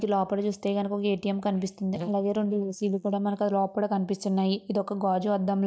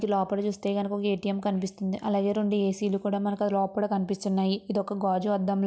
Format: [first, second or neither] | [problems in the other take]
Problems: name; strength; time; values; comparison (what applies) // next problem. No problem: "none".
second | noise reduction (neural mask model DeepFilterNet 3)